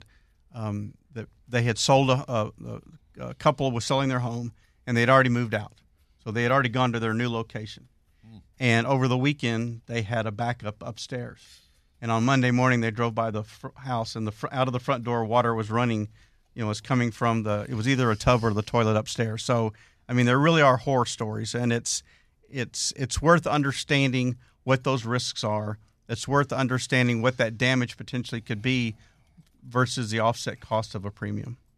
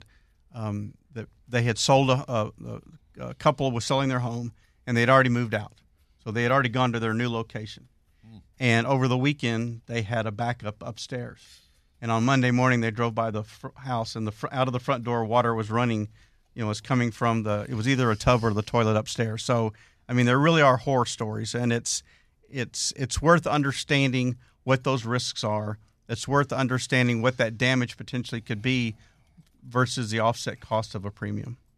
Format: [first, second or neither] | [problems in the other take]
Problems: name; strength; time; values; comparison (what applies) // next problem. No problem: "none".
neither | none